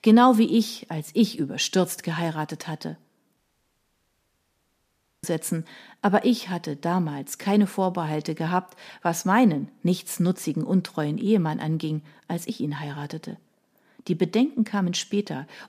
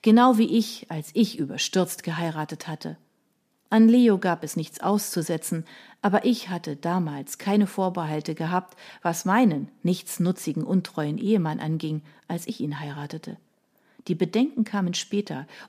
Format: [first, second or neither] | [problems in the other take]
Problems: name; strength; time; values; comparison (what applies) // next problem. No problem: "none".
second | audio cutting out; at 3.5 s for 2 s